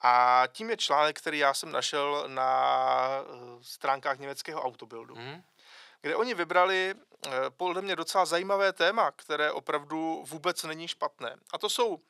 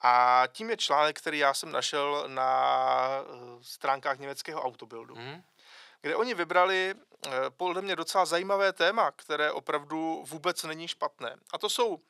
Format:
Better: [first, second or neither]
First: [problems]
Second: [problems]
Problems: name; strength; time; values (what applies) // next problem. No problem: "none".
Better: neither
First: thin; very; fading below 600 Hz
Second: thin; very; fading below 600 Hz